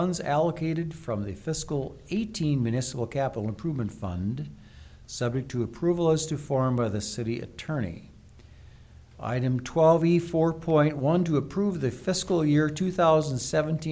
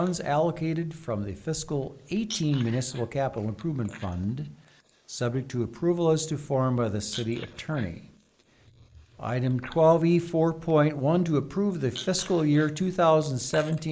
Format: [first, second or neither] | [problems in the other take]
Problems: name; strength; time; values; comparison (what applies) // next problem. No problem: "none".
first | noise reduction (neural mask model Resemble Enhance denoiser)